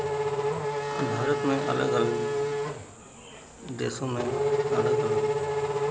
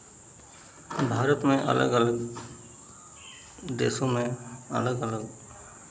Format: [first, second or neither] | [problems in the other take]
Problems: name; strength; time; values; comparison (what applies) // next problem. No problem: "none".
second | background sound (Race car, auto racing / Accelerating, revving, vroom); 4 dB above the speech